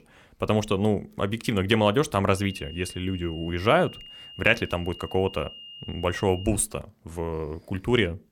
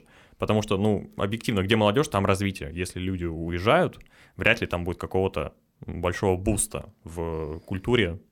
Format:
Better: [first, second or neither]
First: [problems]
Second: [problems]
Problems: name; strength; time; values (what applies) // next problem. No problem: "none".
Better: second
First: high-pitched whine; noticeable; from 2.5 to 6.5 s; 3 kHz, 15 dB below the speech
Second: none